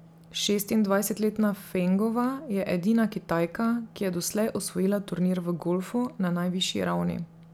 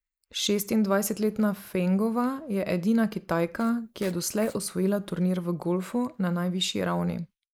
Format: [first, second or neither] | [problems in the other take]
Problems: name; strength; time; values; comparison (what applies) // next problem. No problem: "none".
first | noise reduction (neural mask model Resemble Enhance denoiser)